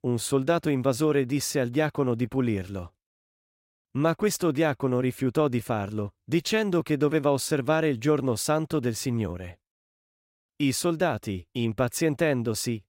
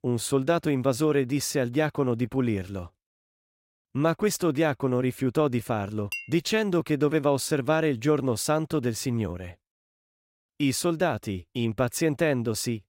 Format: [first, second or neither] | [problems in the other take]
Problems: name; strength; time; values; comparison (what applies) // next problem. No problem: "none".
first | clattering dishes; noticeable; at 6 s; peak 9 dB below the speech